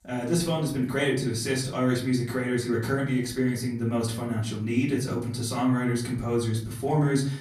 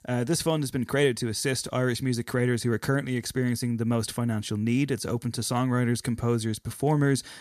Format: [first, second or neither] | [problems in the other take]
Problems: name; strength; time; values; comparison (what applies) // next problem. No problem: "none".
second | off-mic speech; far // room echo; slight; dies away in 0.5 s